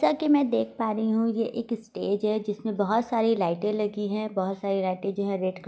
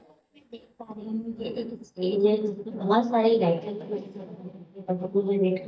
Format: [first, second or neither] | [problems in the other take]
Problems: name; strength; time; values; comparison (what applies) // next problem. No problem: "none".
first | noise reduction (neural mask model DeepFilterNet 3)